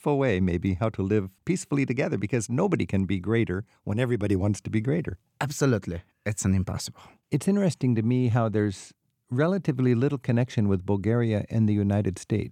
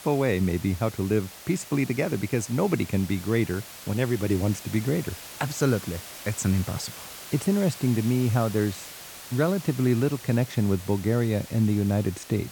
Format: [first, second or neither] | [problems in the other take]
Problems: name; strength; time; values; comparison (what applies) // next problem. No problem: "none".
first | hiss; noticeable; throughout; 15 dB below the speech